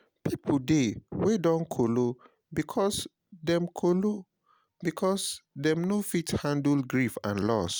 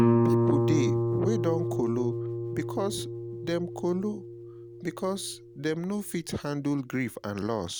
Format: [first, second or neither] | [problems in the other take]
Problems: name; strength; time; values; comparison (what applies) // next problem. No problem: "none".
first | background sound (Guitar); 2 dB above the speech